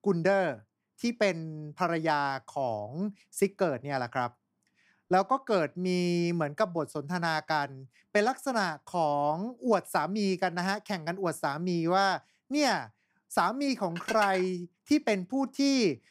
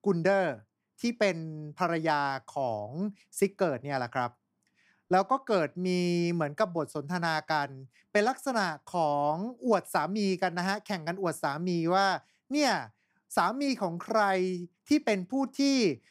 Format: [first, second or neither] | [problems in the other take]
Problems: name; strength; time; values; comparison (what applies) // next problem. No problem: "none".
second | clattering dishes; noticeable; at 14 s; peak 7 dB below the speech